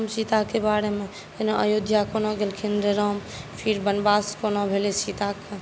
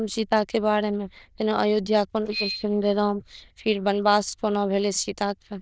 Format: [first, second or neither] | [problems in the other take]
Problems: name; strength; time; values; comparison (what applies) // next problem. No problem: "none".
first | noise reduction (neural diffusion model UNIVERSE++)